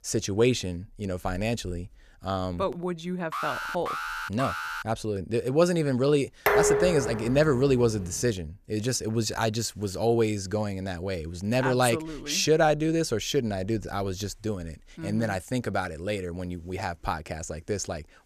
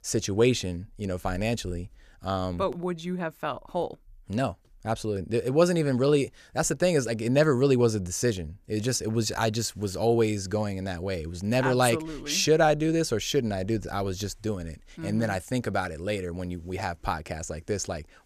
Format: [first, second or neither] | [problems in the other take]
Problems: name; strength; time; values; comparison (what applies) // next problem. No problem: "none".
second | alarm; noticeable; from 3.5 to 5 s; peak 4 dB below the speech // clattering dishes; loud; from 6.5 to 8 s; peak 5 dB above the speech